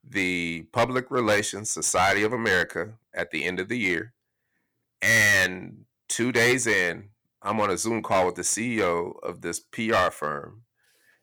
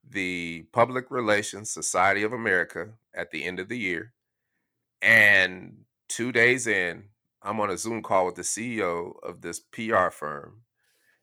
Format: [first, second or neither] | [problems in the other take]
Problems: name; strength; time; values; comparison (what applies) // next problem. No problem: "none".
second | distortion; heavy; 5% of the sound clipped